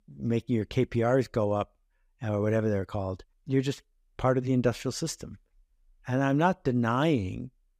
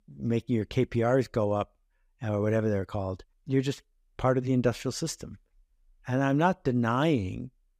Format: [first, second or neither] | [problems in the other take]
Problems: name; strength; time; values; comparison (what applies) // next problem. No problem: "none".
neither | none